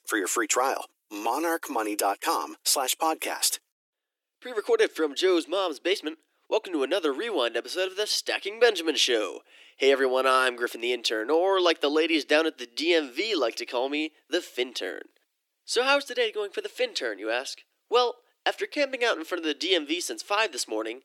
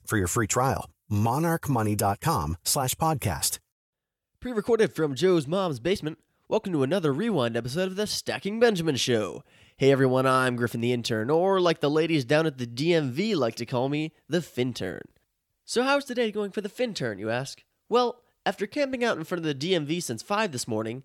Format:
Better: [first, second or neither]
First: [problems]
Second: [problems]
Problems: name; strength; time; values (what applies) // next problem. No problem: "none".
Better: second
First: thin; somewhat; fading below 300 Hz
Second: none